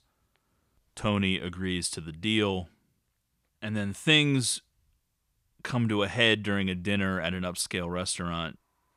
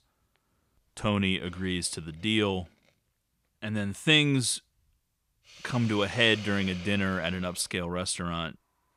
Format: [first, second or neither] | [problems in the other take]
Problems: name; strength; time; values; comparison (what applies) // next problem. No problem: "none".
first | hiss; noticeable; from 1.5 to 4 s and from 5.5 to 7.5 s; 15 dB below the speech